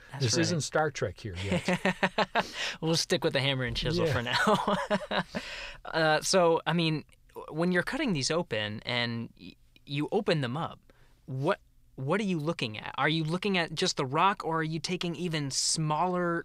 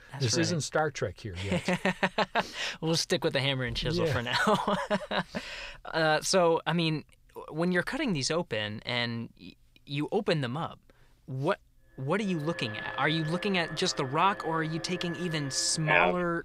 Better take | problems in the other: first | alarms or sirens; loud; from 12 s on; 5 dB below the speech

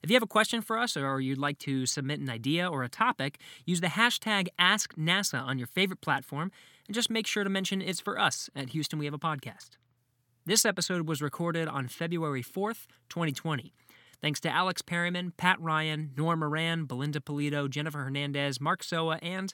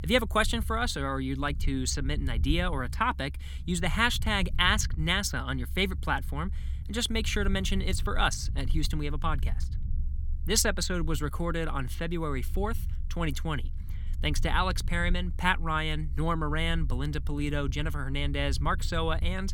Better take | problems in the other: first | low rumble; faint; throughout; 25 dB below the speech

